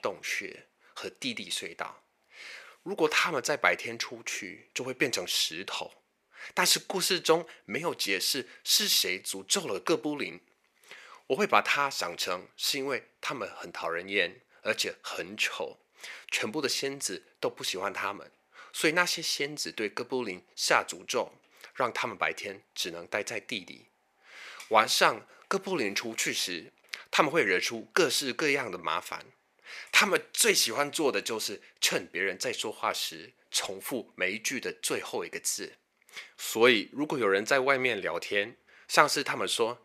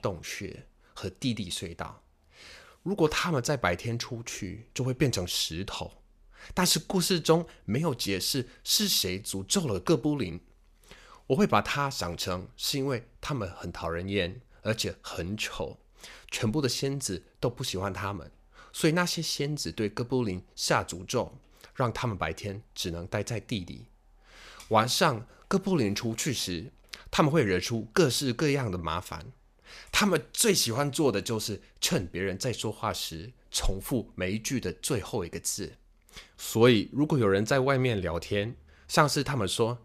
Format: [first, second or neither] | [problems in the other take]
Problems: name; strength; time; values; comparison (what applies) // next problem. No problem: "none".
second | thin; somewhat; fading below 350 Hz